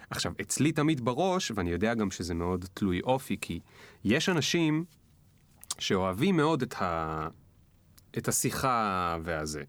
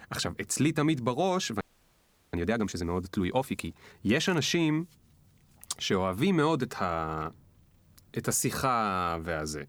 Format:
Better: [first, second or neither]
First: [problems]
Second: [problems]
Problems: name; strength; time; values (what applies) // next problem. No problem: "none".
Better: first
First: none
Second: audio freezing; at 1.5 s for 0.5 s